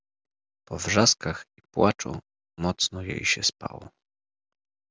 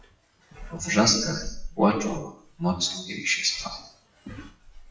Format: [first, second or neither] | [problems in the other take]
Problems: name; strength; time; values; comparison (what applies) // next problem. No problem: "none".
first | noise reduction (classical method WPE with log-MMSE)